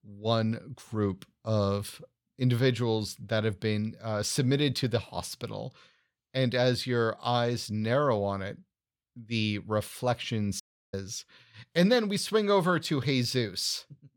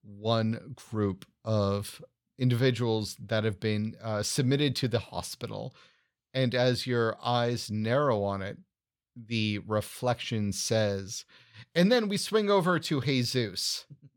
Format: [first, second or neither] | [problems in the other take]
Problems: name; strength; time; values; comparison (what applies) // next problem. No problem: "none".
second | audio cutting out; at 11 s